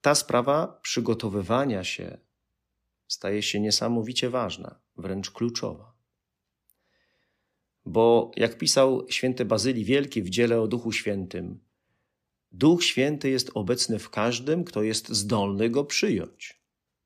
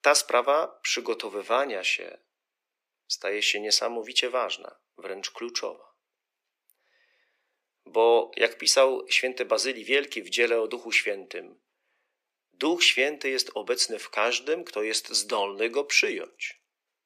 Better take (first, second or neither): first